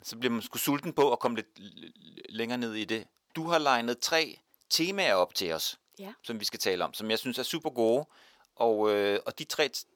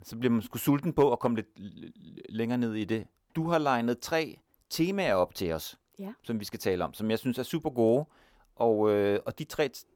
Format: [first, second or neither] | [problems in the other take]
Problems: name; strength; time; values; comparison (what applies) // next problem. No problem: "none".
second | thin; very slightly; fading below 1 kHz